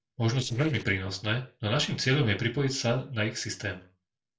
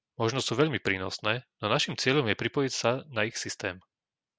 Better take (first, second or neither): second